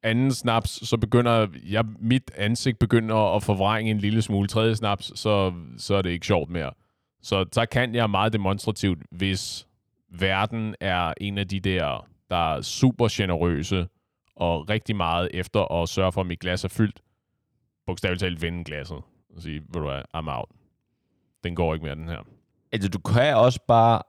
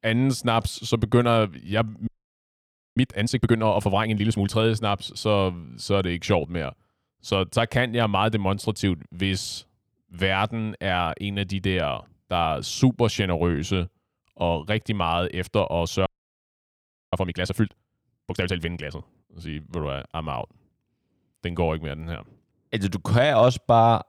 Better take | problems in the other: first | audio freezing; at 2 s for 1 s and at 16 s for 1 s

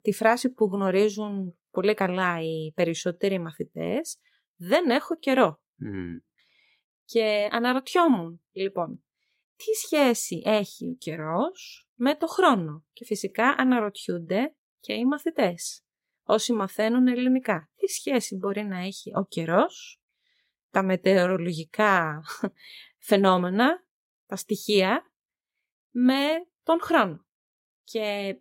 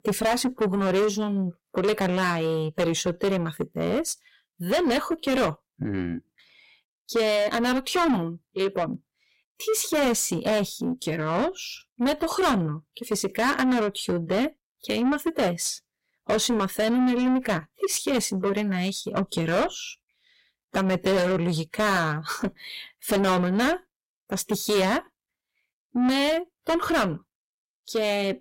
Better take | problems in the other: first | distortion; heavy; 6 dB below the speech

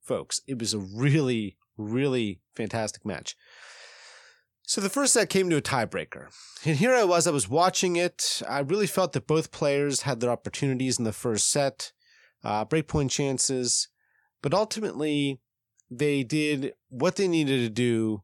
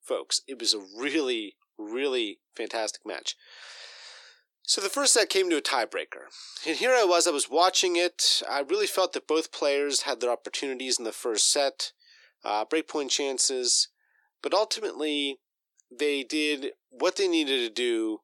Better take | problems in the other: first | thin; somewhat; fading below 300 Hz

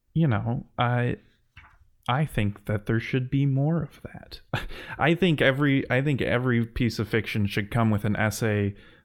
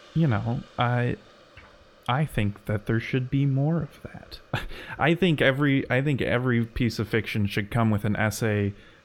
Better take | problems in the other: first | hiss; faint; throughout; 30 dB below the speech

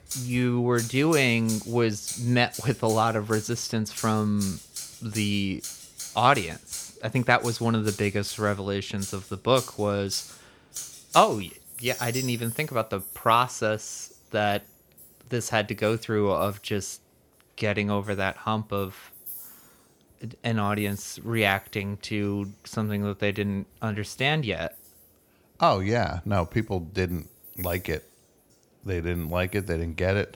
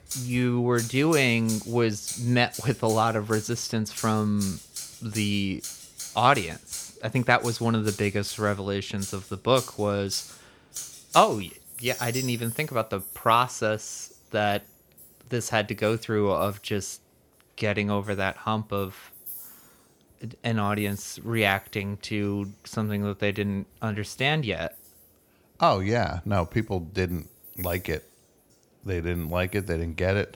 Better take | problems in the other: neither | household noises; noticeable; throughout; 10 dB below the speech; the same in both

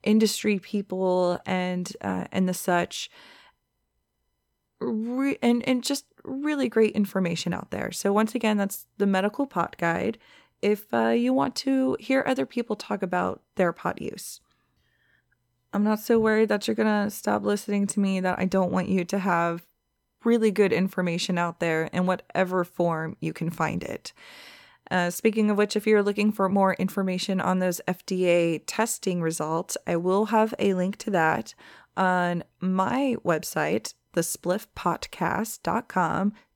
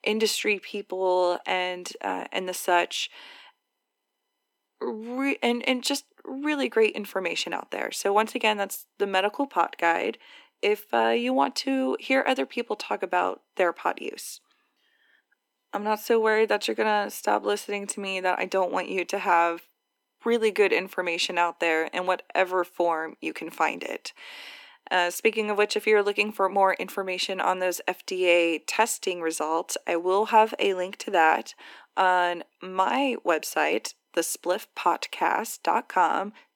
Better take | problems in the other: first | thin; somewhat; fading below 250 Hz

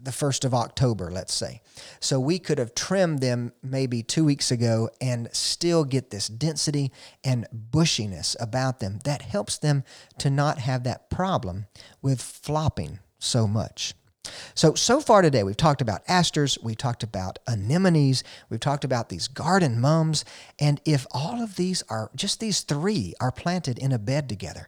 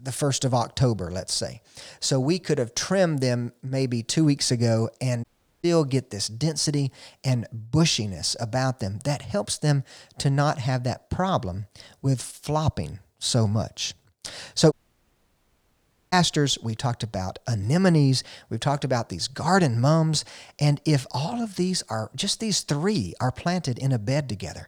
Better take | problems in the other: first | audio cutting out; at 5 s and at 15 s for 1.5 s

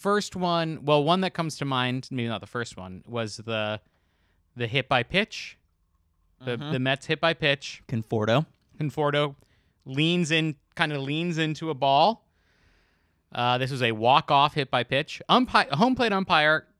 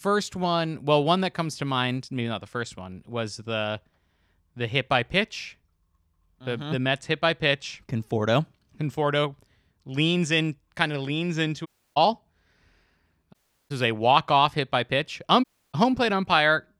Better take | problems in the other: first | audio cutting out; at 12 s, at 13 s and at 15 s

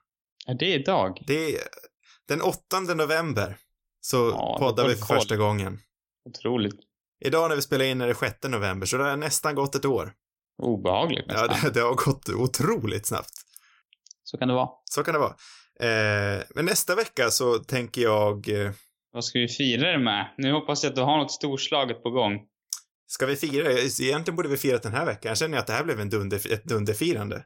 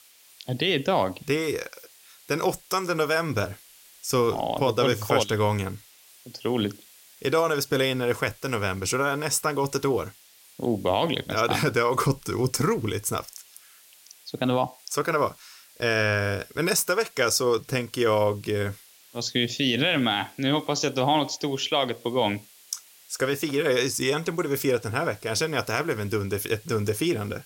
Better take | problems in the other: first | hiss; faint; throughout; 25 dB below the speech

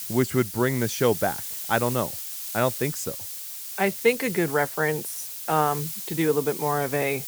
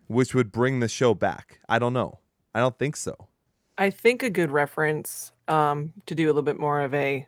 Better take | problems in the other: second | hiss; loud; throughout; 5 dB below the speech

